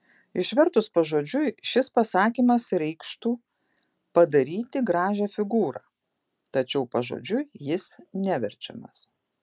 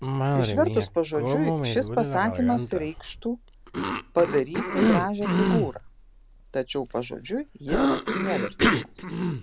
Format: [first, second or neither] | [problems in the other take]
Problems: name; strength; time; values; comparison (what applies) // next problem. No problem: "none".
first | background sound (Cough); 1 dB above the speech